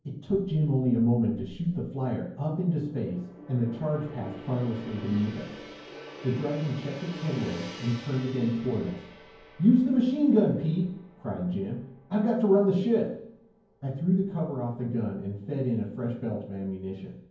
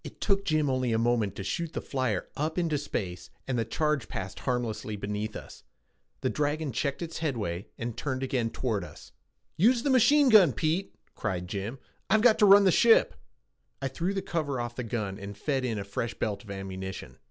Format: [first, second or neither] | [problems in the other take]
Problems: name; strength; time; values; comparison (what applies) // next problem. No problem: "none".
second | background sound (Gong); 20 dB below the speech // room echo; dies away in 0.9 s